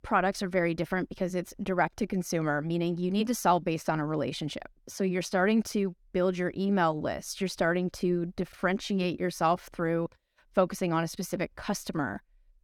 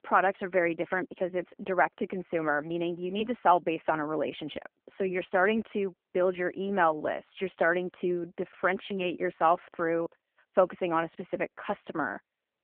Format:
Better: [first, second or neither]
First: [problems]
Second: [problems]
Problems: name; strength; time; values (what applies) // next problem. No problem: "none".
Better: first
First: none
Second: phone-call audio